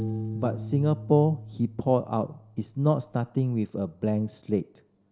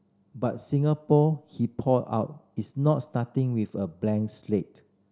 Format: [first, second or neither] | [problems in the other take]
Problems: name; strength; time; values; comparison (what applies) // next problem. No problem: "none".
second | background sound (Piano); 12 dB below the speech